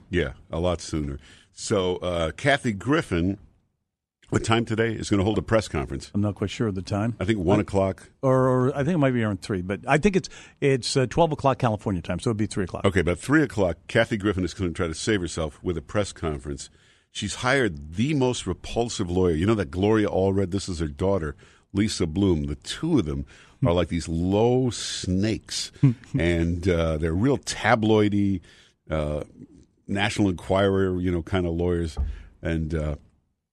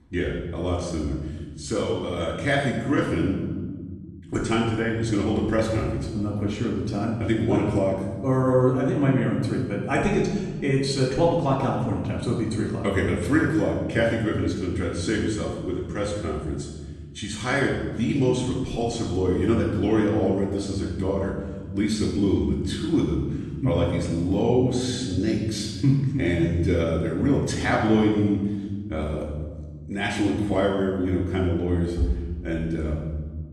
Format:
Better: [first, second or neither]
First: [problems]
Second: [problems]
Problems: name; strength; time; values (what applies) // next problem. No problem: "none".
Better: first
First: none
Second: off-mic speech; far // room echo; noticeable; dies away in 1.7 s